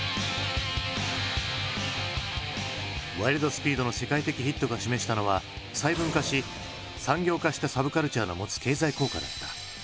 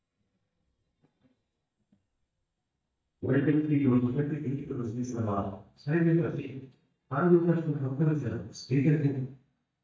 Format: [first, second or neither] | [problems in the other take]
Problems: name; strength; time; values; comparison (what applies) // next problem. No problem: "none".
first | noise reduction (neural mask model DeepFilterNet 3)